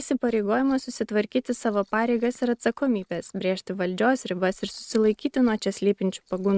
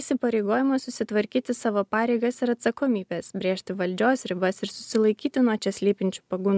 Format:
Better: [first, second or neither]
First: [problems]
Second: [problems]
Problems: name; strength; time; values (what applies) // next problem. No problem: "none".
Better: second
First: noise reduction (neural mask model RNNoise)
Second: none